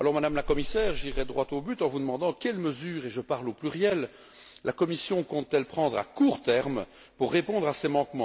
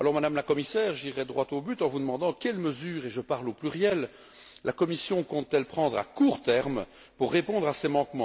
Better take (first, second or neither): second